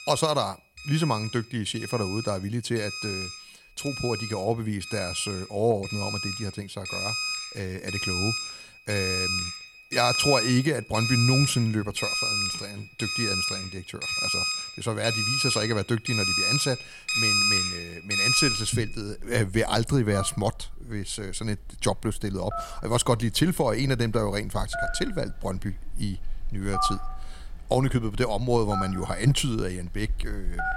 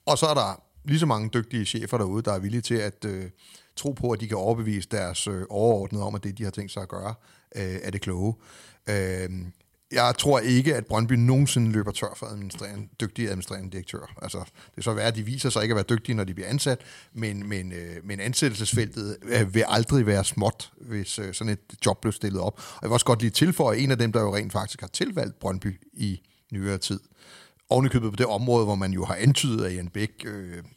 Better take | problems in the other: second | alarms or sirens; very loud; throughout; as loud as the speech

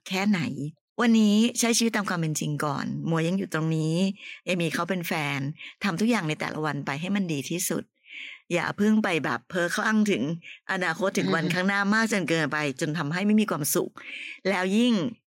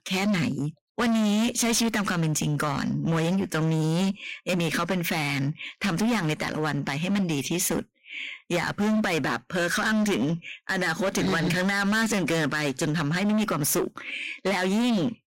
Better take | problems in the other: first | distortion; heavy; 22% of the sound clipped

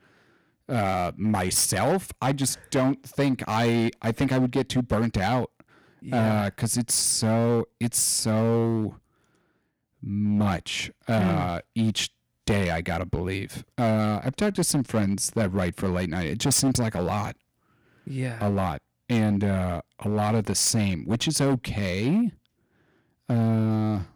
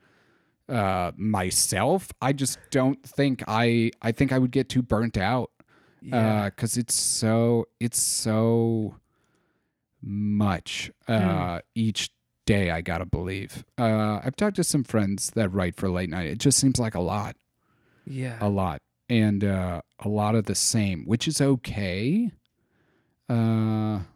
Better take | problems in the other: second | distortion; slight; 8% of the sound clipped

